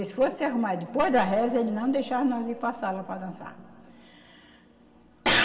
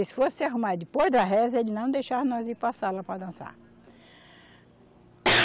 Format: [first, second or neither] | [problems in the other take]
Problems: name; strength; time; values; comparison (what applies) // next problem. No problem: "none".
second | room echo; dies away in 2.2 s